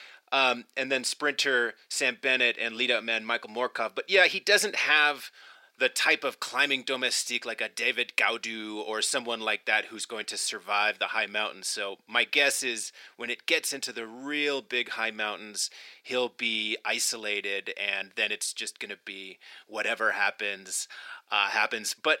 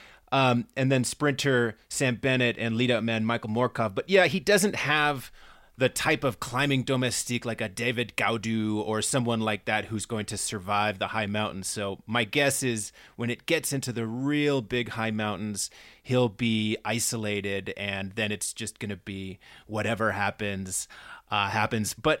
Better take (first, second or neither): second